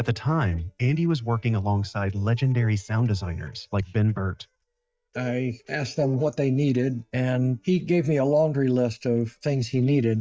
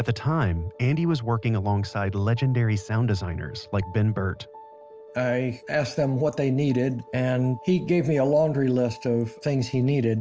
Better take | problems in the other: second | noise reduction (neural mask model DeepFilterNet 3)

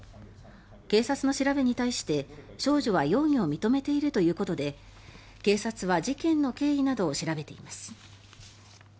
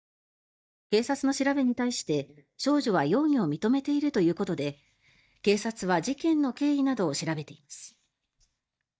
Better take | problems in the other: first | noise reduction (neural mask model DeepFilterNet 3)

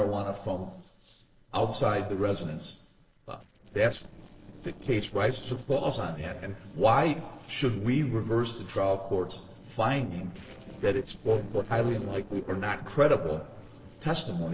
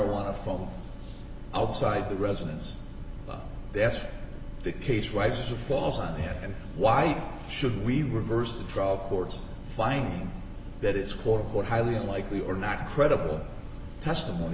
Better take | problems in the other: second | noise reduction (neural separator model SepFormer DNS4)

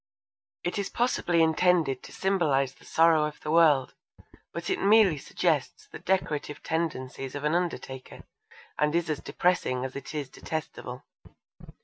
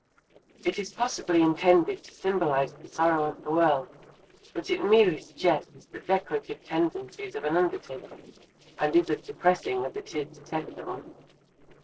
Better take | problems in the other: first | noise reduction (neural separator model SepFormer DNS4)

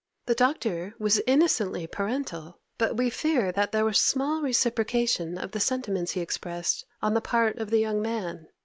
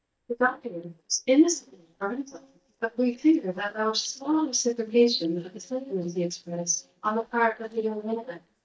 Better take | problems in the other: first | noise reduction (neural mask model DeepFilterNet 3)

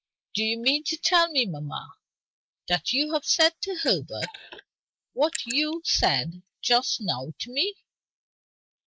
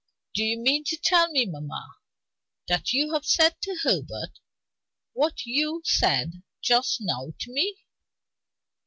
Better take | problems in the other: second | noise reduction (neural mask model Resemble Enhance denoiser)

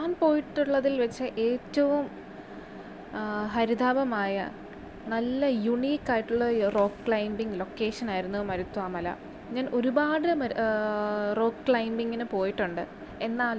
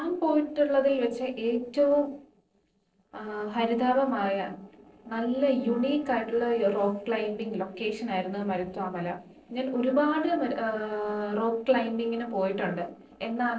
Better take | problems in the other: first | noise reduction (neural separator model SepFormer DNS4)

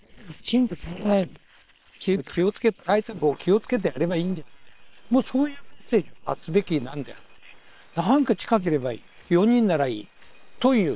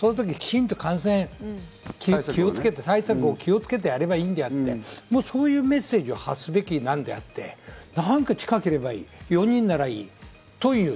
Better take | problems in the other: second | noise reduction (neural separator model SepFormer WHAM!)

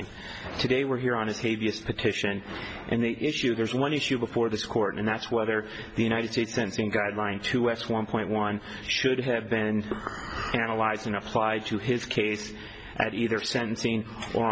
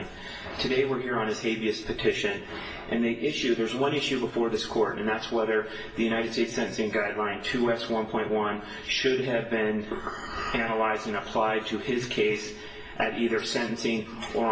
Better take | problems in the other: first | room echo; dies away in 0.8 s

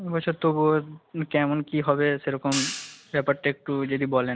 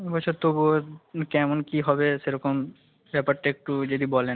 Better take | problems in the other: second | background sound (Hi-hat); 10 dB below the speech

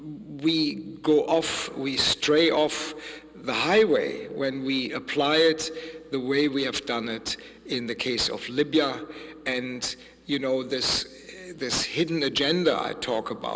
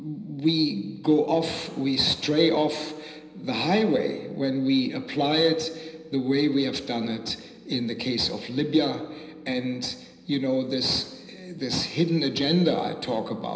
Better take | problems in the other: first | room echo; dies away in 0.9 s

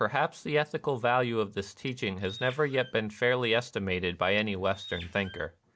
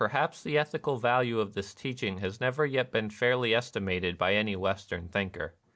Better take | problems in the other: second | background sound (Bird); 19 dB below the speech

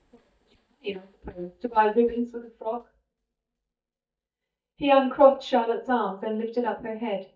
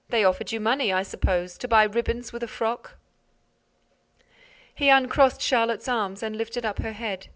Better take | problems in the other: second | noise reduction (neural mask model DeepFilterNet 3)

